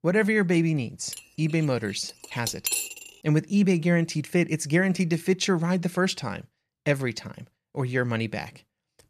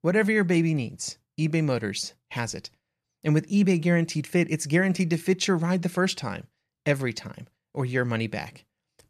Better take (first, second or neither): second